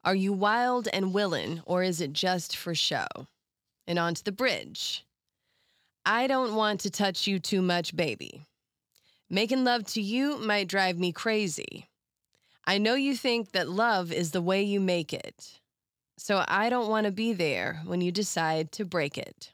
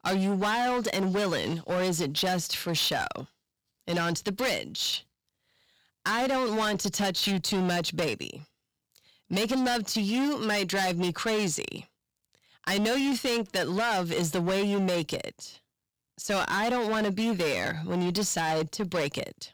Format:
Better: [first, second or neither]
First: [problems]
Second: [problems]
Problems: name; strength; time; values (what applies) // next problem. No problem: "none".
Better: first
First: none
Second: distortion; heavy; 20% of the sound clipped